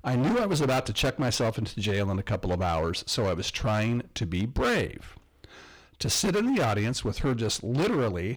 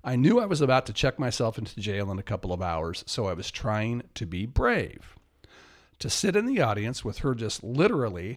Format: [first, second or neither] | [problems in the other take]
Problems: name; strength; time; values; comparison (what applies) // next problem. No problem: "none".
second | distortion; heavy; 17% of the sound clipped